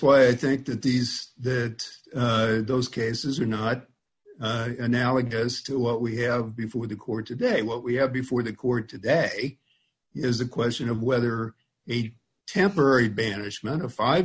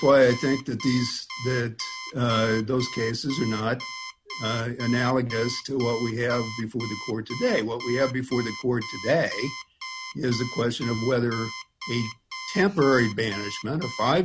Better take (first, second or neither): first